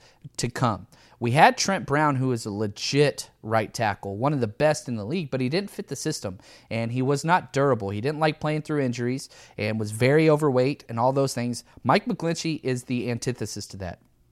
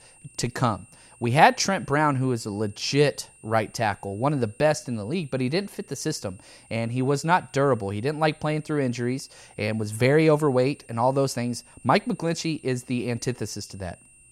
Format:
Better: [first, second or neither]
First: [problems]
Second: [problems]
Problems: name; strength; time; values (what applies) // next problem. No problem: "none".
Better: first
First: none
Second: high-pitched whine; faint; throughout; 9 kHz, 25 dB below the speech